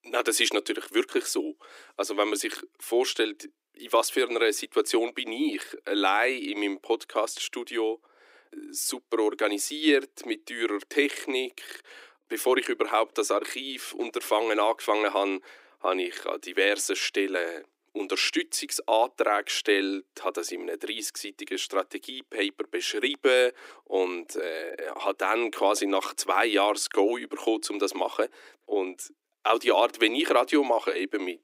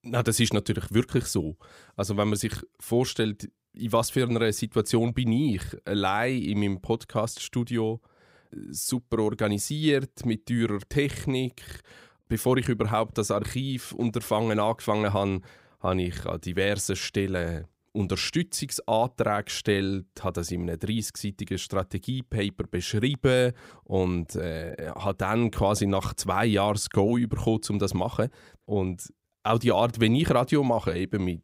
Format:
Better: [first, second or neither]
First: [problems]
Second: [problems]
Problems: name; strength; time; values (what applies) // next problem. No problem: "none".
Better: second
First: thin; somewhat; fading below 300 Hz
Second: none